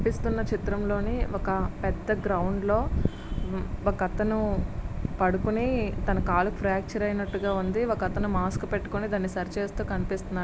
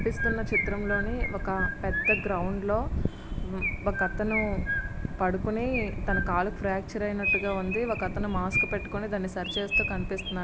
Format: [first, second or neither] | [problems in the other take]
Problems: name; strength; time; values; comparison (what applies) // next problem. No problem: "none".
first | background sound (Chirp, tweet); 5 dB below the speech